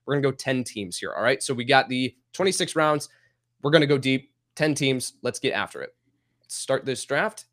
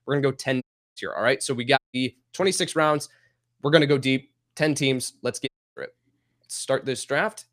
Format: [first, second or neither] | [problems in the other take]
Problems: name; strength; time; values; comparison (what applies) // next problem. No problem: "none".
first | audio cutting out; at 0.5 s, at 2 s and at 5.5 s